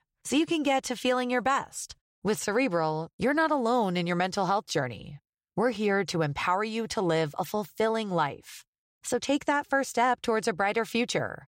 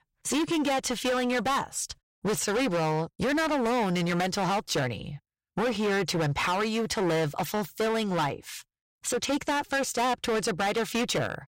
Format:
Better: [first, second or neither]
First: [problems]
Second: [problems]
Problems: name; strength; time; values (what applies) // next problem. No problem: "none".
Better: first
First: none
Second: distortion; heavy; 24% of the sound clipped